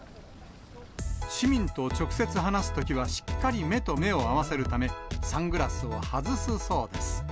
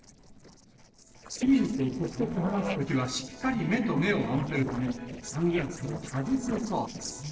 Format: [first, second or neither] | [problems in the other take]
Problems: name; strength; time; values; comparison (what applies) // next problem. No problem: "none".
first | noise reduction (neural separator model SepFormer DNS4)